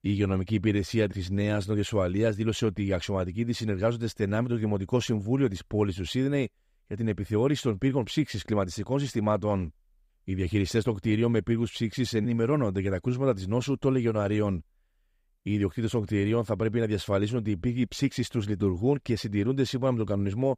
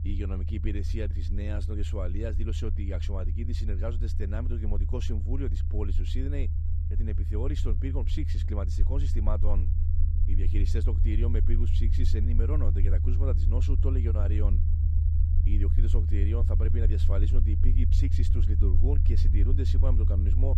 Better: first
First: none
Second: low rumble; loud; throughout; 4 dB below the speech

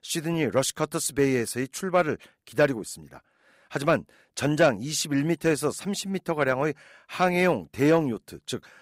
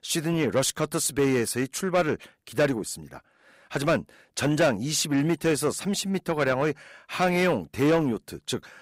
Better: first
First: none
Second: distortion; slight; 10 dB below the speech

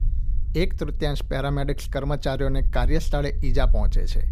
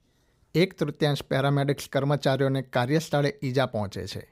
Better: second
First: low rumble; faint; throughout; 20 dB below the speech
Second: none

